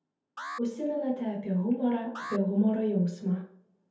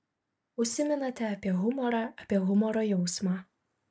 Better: second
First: background sound (Alarm); 16 dB below the speech // room echo; dies away in 0.5 s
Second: none

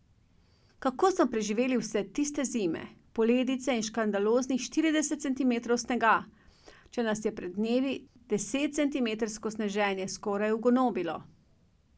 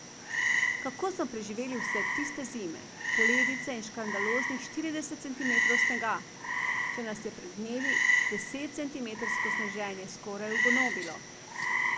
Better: first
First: none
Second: background sound (Frog); 5 dB above the speech

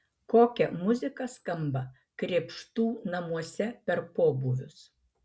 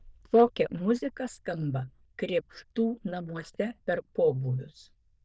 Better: first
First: none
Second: noise reduction (neural diffusion model UNIVERSE++)

